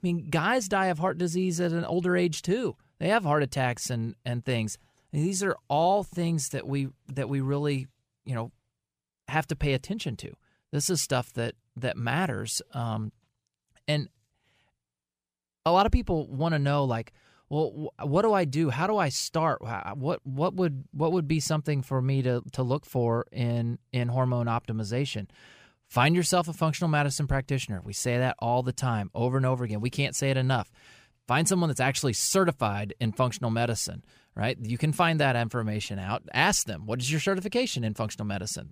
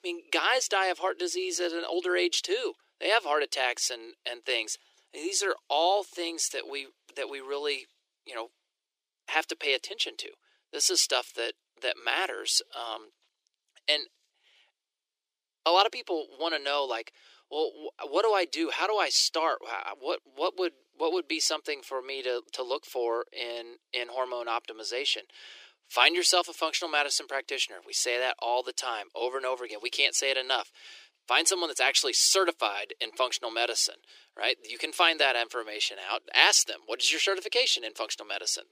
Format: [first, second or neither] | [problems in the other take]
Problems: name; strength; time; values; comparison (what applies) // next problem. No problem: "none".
first | thin; very; fading below 350 Hz